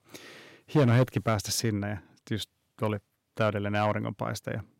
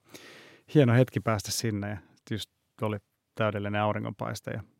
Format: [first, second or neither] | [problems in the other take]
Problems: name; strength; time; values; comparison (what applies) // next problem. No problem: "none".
second | distortion; slight; 2% of the sound clipped